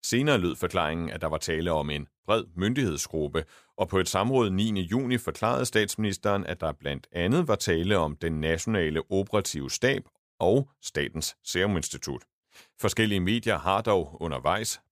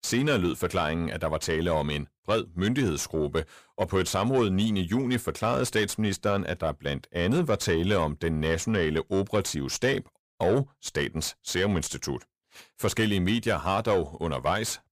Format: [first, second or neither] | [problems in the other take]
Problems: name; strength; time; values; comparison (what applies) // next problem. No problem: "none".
first | distortion; slight; 10 dB below the speech